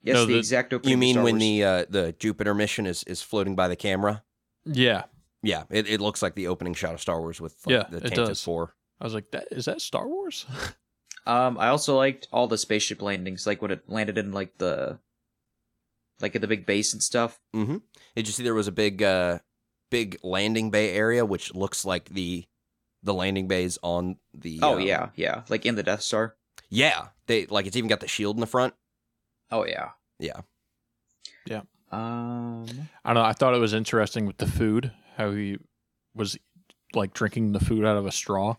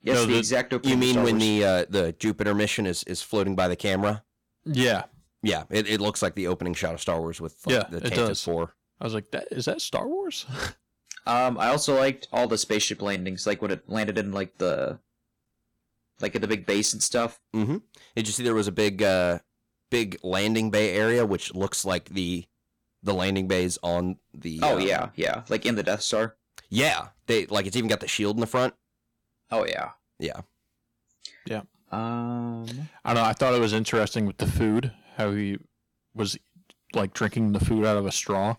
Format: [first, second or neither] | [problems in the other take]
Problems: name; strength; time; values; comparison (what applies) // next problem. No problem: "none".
first | distortion; slight; 4% of the sound clipped